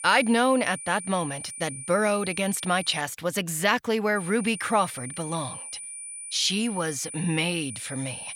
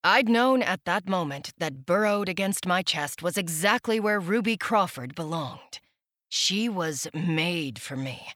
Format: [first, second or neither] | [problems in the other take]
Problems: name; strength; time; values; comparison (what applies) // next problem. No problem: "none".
second | high-pitched whine; loud; until 3 s and from 4 s on; 9.5 kHz, 10 dB below the speech